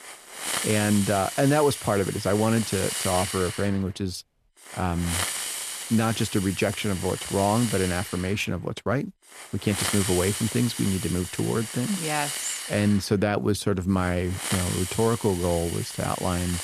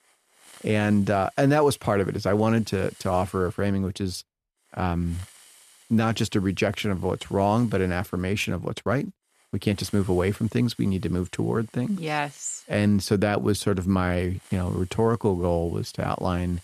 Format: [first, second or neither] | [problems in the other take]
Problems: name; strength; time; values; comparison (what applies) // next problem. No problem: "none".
second | hiss; loud; throughout; 5 dB below the speech; faint in the second